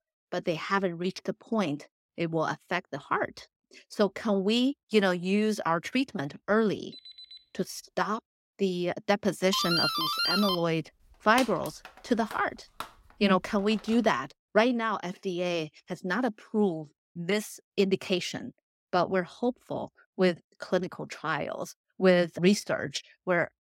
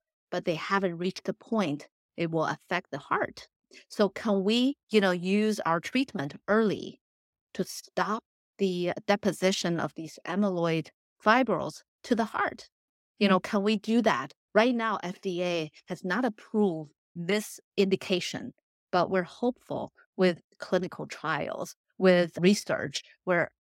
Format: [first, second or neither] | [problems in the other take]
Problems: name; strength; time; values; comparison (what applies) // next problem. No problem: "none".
second | alarm; faint; at 7 s; peak 15 dB below the speech // doorbell; loud; from 9.5 to 14 s; peak 3 dB above the speech